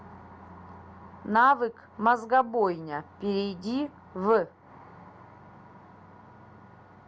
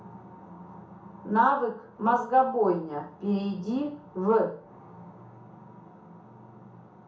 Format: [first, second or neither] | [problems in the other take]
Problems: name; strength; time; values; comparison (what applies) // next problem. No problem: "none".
first | room echo; dies away in 0.5 s